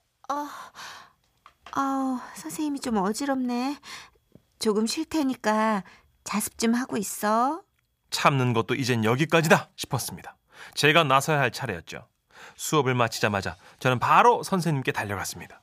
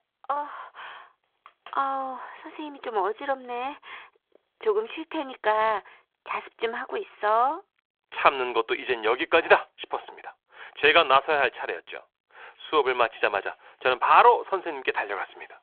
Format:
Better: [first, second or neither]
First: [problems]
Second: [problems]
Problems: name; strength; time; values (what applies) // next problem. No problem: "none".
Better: first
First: none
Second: phone-call audio